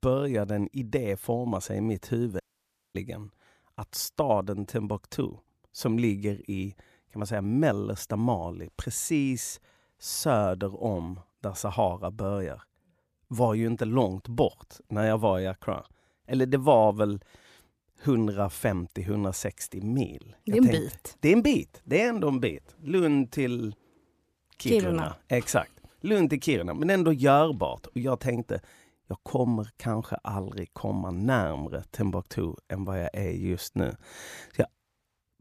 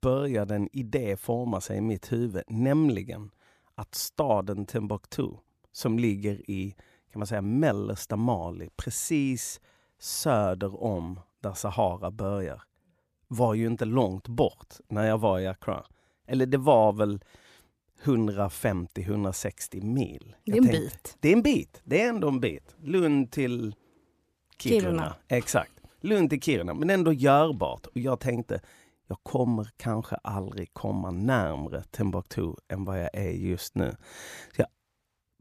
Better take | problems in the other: second | audio cutting out; at 2.5 s for 0.5 s

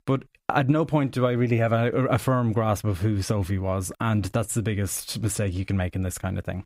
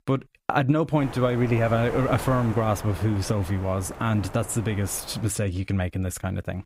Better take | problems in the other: first | wind noise on the microphone; occasional gusts; from 1 to 5 s; 10 dB below the speech

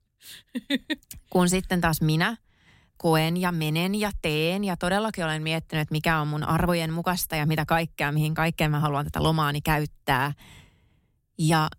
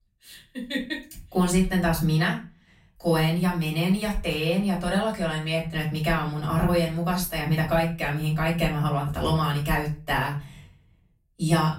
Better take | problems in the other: first | off-mic speech; far // room echo; slight; dies away in 0.3 s

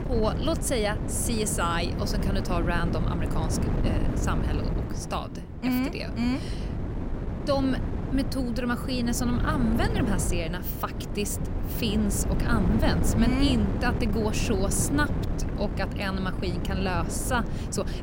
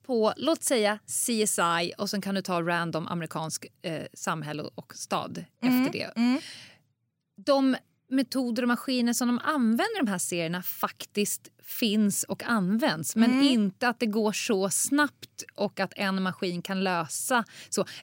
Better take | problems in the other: second | wind noise on the microphone; heavy; 6 dB below the speech

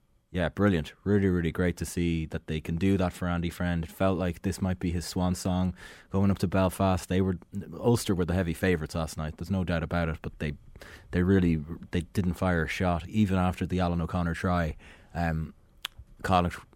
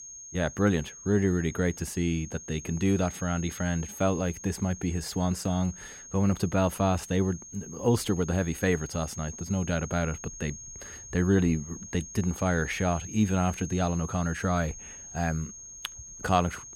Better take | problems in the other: first | high-pitched whine; noticeable; throughout; 6.5 kHz, 15 dB below the speech

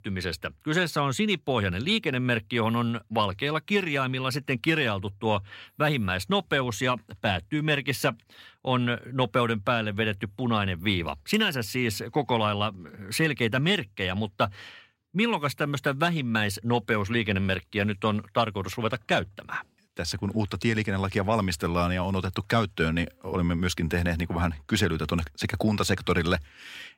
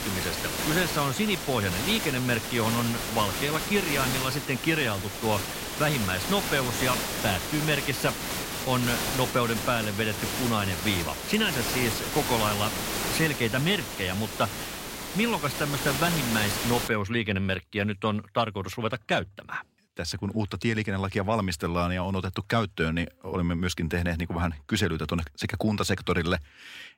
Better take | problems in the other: first | hiss; loud; until 17 s; 2 dB below the speech

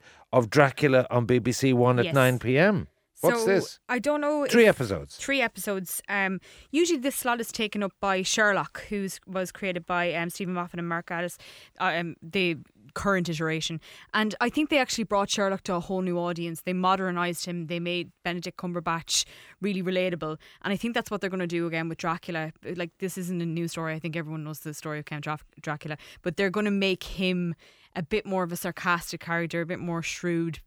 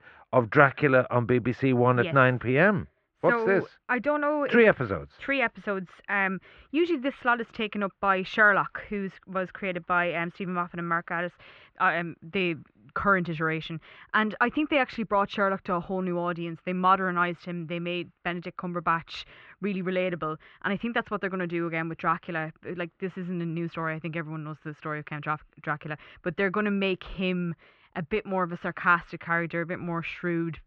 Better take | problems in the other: first | muffled; very; fading above 3 kHz

